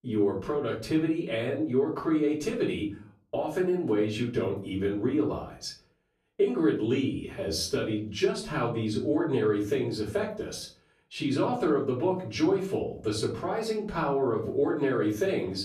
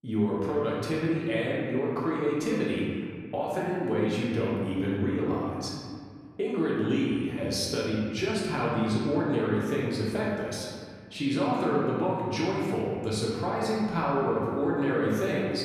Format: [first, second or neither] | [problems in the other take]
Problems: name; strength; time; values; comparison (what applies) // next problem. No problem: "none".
first | room echo; strong; dies away in 2.1 s; slight in the first // off-mic speech; far; far in the first